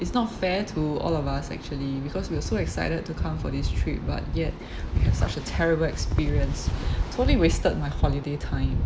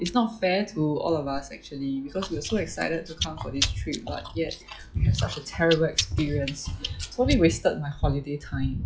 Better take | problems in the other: first | noise reduction (classical method log-MMSE)

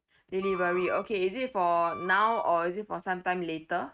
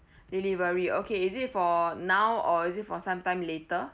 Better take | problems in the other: second | noise reduction (neural mask model RNNoise)

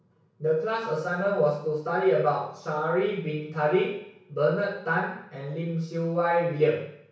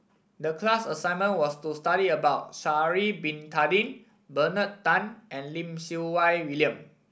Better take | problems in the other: second | room echo; dies away in 0.6 s

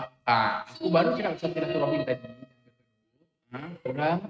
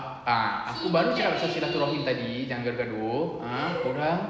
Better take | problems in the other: second | noise reduction (neural mask model RNNoise)

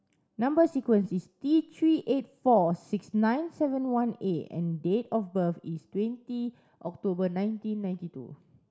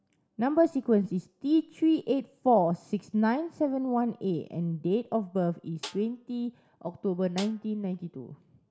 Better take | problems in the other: first | background sound (Snare drum); 19 dB below the speech

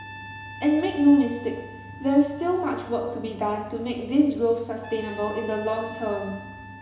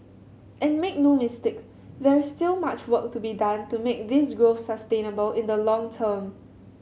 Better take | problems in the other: second | background sound (Trumpet); 18 dB below the speech // room echo; dies away in 1 s

